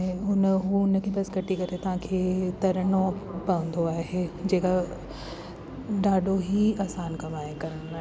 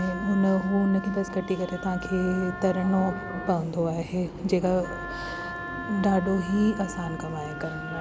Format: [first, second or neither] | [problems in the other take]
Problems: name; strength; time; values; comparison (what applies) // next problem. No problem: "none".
first | background sound (Wind instrument, woodwind instrument); 12 dB below the speech